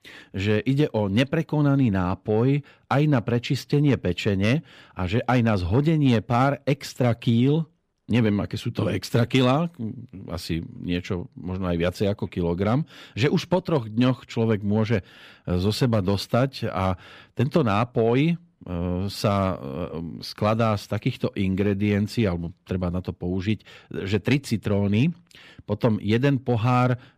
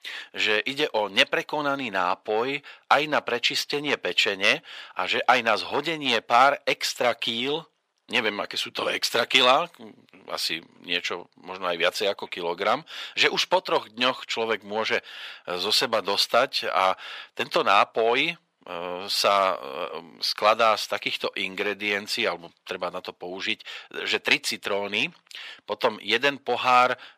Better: first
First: none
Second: thin; very; fading below 750 Hz

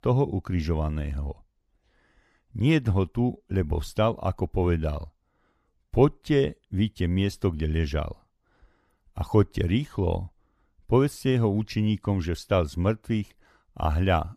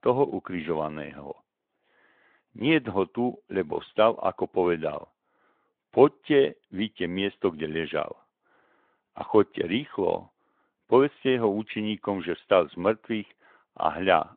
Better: first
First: none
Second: phone-call audio

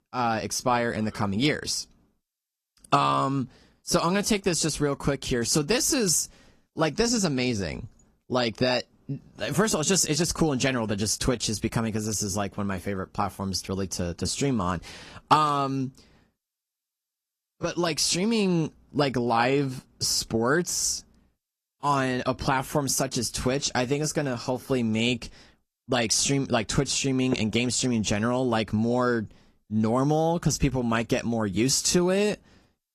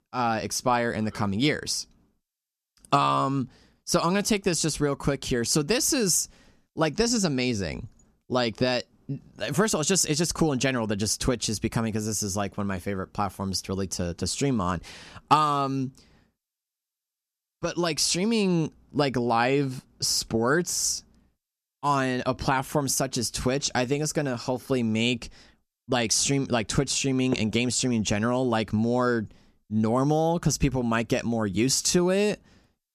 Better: second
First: garbled, watery; slightly; nothing above 14 kHz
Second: none

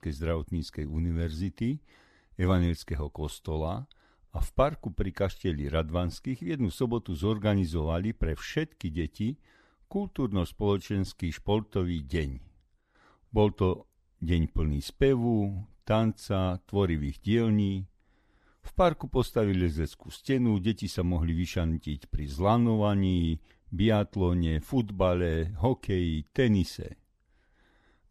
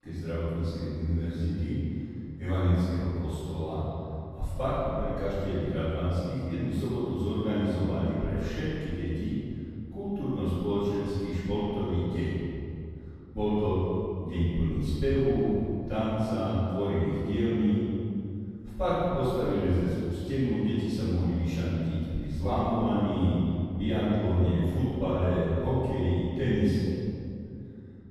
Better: first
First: none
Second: off-mic speech; far // room echo; strong; dies away in 2.3 s

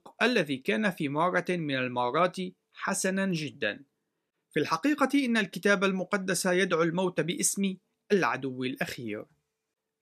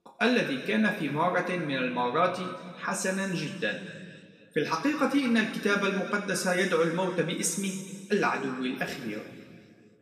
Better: first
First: none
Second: room echo; noticeable; dies away in 1.9 s // off-mic speech; somewhat distant

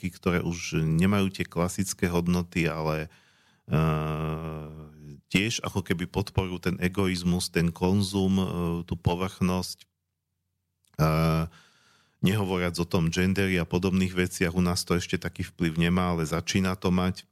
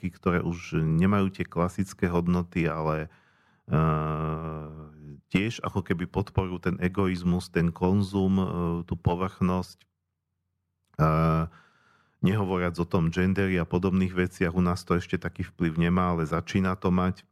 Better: first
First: none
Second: muffled; slightly; fading above 3 kHz

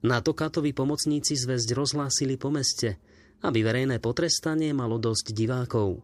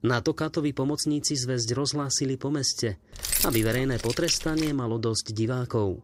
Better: first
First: none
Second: jangling keys; loud; from 3 to 4.5 s; peak 2 dB above the speech

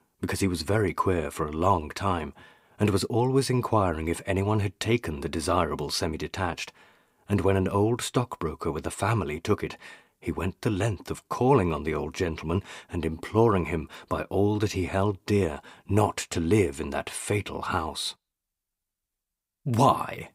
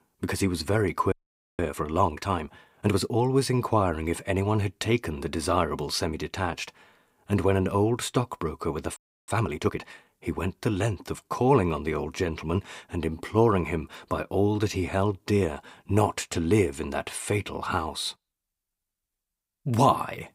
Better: first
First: none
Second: audio freezing; at 1 s and at 9 s

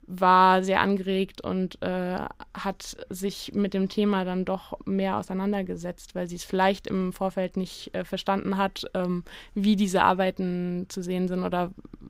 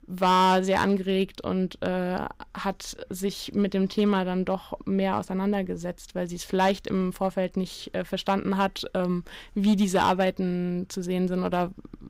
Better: first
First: none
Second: distortion; slight; 1.8% of the sound clipped

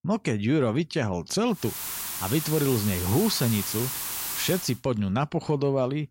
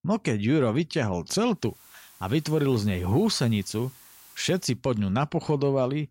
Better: second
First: hiss; loud; from 1.5 to 4.5 s; 4 dB below the speech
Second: hiss; faint; from 1.5 to 4.5 s; 25 dB below the speech

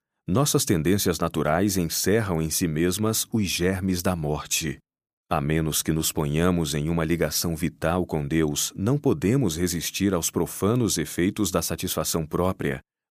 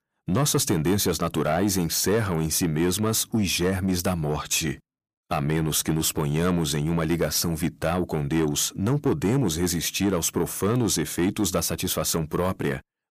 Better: first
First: none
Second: distortion; slight; 10 dB below the speech

